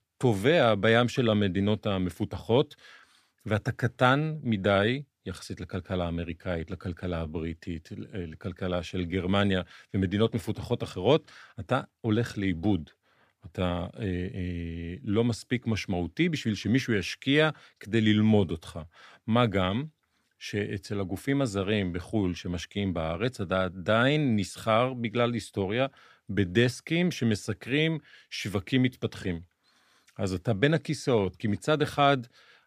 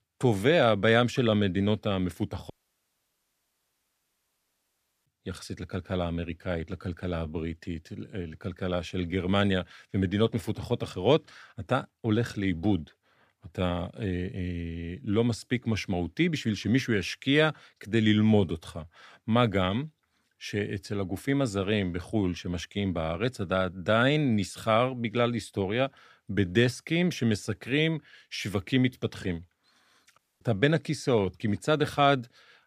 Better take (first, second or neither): first